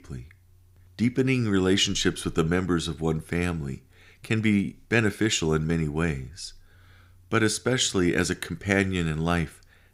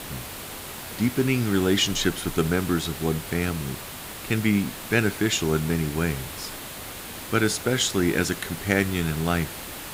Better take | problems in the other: first | hiss; noticeable; throughout; 10 dB below the speech

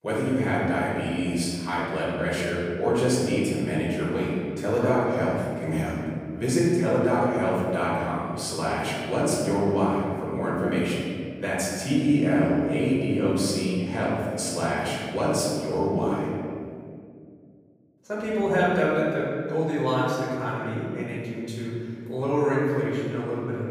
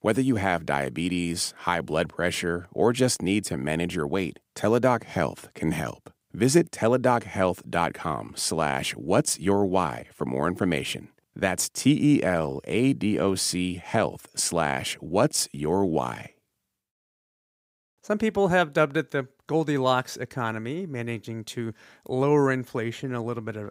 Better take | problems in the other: second | room echo; strong; dies away in 2.3 s // off-mic speech; far

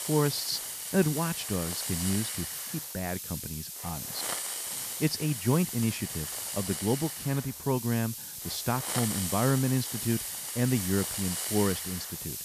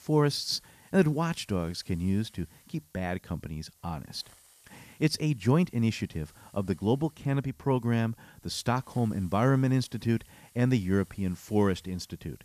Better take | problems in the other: second | hiss; loud; throughout; 2 dB below the speech; faint in the second

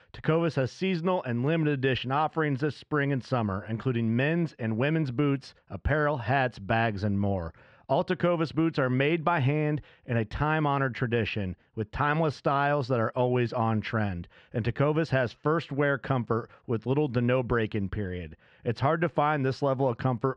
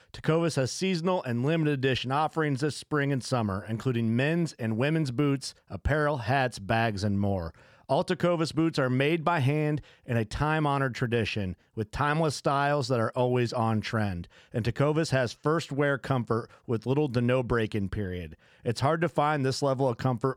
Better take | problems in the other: second | muffled; slightly; fading above 2.5 kHz

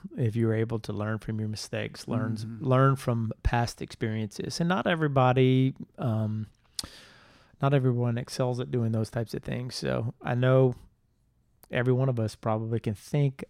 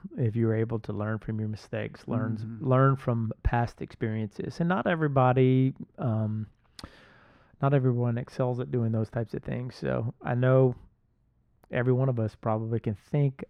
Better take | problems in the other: first | muffled; slightly; fading above 3.5 kHz

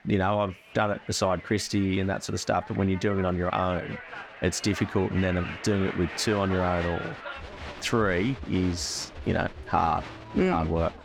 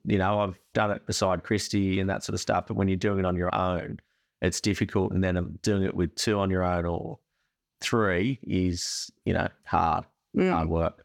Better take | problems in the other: second | crowd noise; noticeable; throughout; 15 dB below the speech

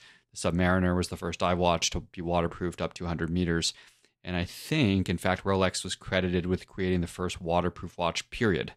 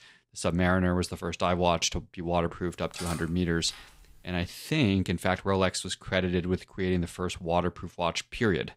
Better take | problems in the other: first | clattering dishes; faint; from 3 to 4.5 s; peak 10 dB below the speech

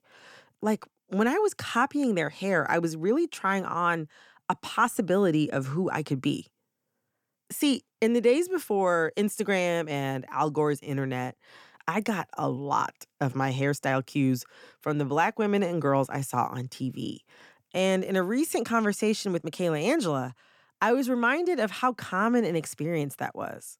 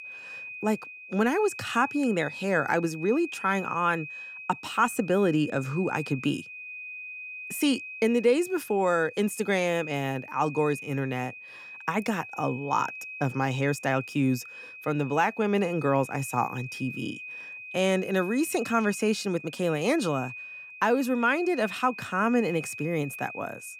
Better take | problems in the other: first | high-pitched whine; noticeable; throughout; 2.5 kHz, 10 dB below the speech

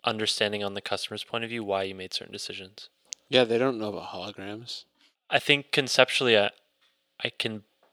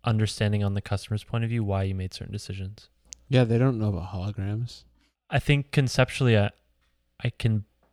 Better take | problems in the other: second | thin; very; fading below 400 Hz

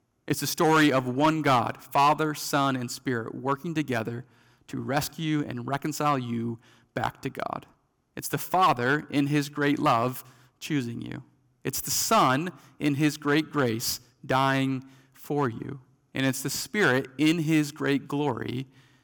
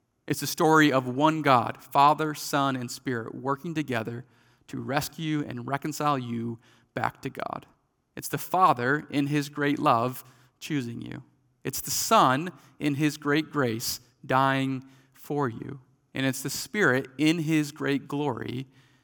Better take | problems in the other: second | distortion; slight; 2% of the sound clipped

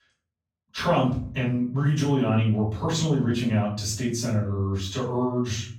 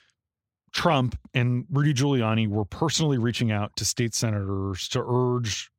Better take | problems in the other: second | off-mic speech; far // room echo; noticeable; dies away in 0.5 s

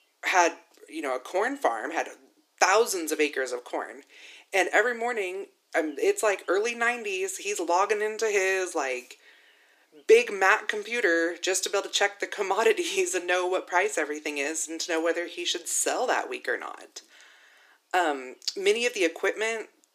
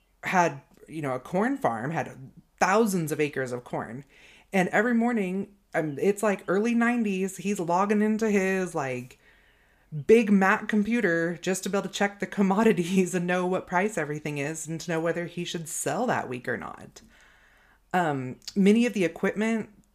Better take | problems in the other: second | thin; very; fading below 300 Hz

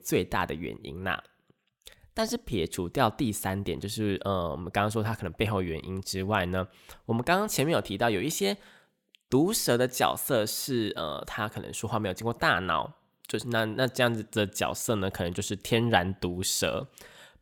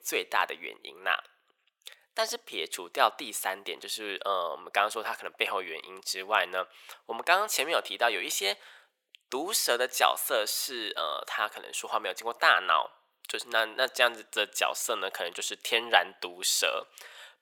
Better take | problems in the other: first | thin; very; fading below 550 Hz

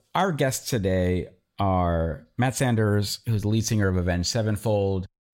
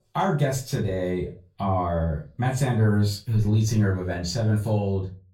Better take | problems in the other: first | room echo; slight; dies away in 0.3 s // off-mic speech; far

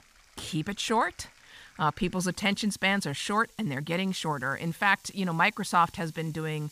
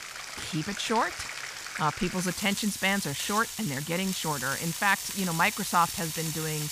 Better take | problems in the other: first | household noises; loud; throughout; 5 dB below the speech; faint in the first

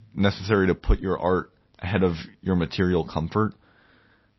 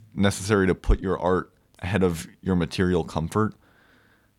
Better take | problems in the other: second | garbled, watery; slightly; nothing above 5.5 kHz

